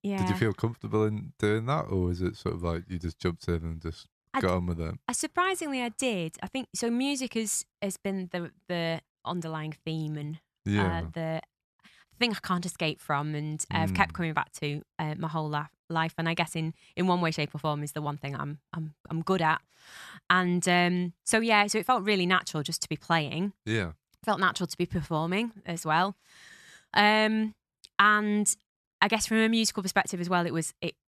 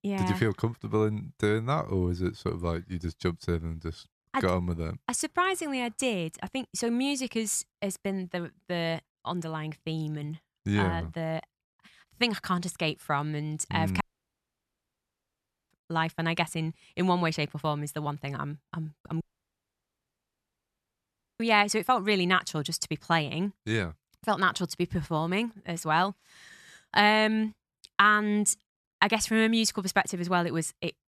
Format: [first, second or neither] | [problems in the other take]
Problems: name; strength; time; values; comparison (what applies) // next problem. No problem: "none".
first | audio cutting out; at 14 s for 1.5 s and at 19 s for 2 s